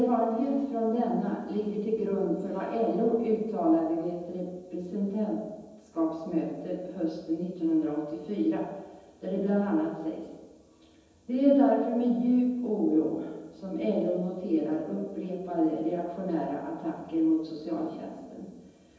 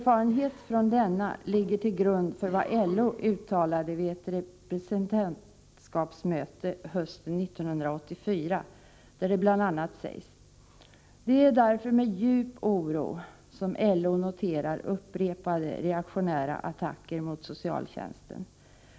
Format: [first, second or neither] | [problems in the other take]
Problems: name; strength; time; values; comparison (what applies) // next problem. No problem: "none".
second | room echo; dies away in 1.1 s